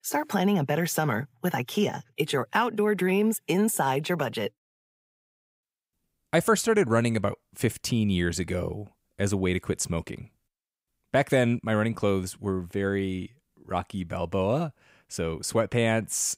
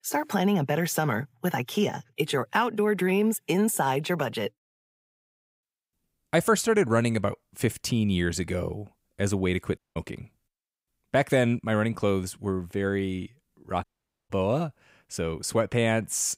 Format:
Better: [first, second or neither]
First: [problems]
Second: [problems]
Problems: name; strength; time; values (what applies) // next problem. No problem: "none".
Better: first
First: none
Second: audio cutting out; at 10 s and at 14 s